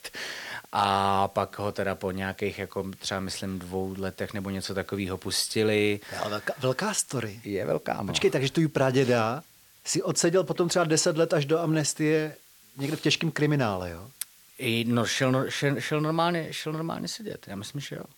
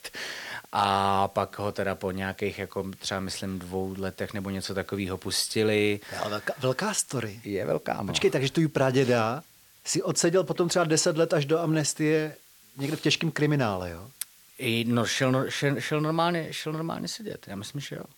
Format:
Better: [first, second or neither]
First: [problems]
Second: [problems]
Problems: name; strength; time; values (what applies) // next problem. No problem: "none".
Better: neither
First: hiss; faint; throughout; 25 dB below the speech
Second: hiss; faint; throughout; 25 dB below the speech